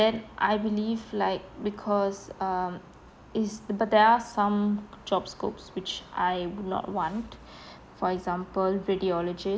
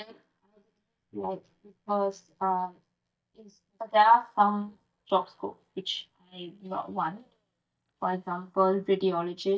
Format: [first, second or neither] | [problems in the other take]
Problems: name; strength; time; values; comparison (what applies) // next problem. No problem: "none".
first | noise reduction (neural mask model DeepFilterNet 3)